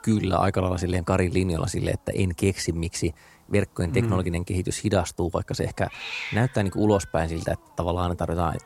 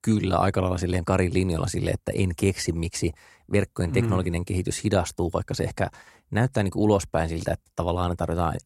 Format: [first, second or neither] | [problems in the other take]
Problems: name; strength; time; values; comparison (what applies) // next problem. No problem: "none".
second | hiss; noticeable; throughout; 15 dB below the speech